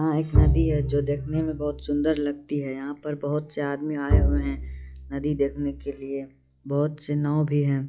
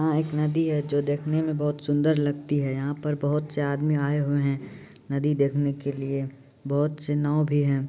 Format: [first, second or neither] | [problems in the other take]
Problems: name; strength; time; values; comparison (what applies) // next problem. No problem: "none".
second | noise reduction (classical method log-MMSE)